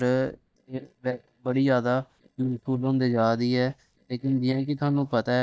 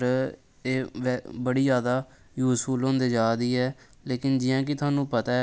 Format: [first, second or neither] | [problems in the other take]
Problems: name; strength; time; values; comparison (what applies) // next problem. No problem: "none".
second | noise reduction (neural mask model DeepFilterNet 3)